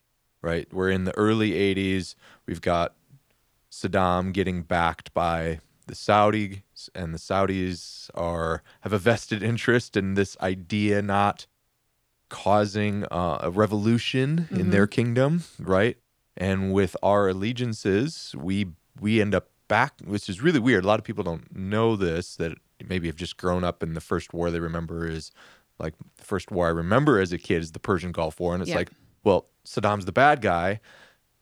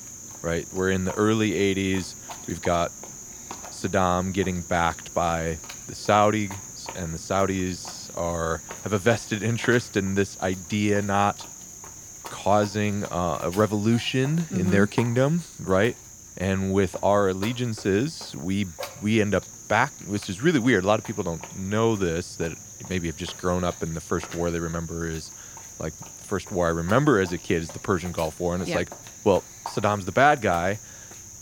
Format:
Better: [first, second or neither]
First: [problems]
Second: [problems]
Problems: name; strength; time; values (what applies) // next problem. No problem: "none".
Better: first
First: none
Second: animal sounds; noticeable; throughout; 15 dB below the speech